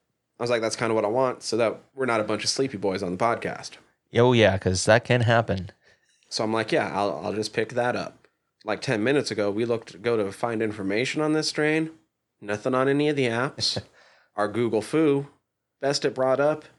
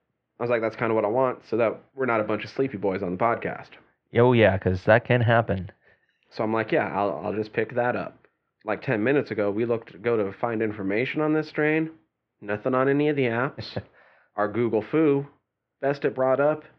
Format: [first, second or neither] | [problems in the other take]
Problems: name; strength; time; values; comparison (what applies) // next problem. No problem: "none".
first | muffled; very; fading above 3 kHz